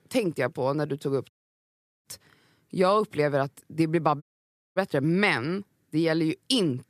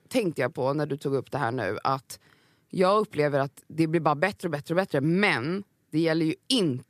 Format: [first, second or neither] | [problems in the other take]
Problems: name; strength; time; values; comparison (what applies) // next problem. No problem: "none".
second | audio cutting out; at 1.5 s for 0.5 s and at 4 s for 0.5 s